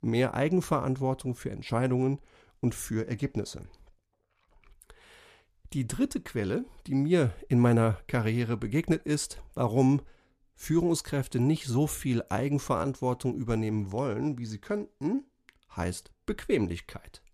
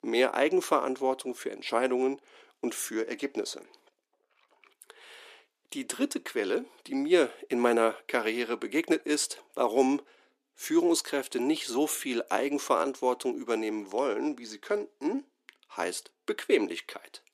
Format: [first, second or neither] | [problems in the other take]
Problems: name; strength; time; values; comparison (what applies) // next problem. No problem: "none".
first | thin; somewhat; fading below 300 Hz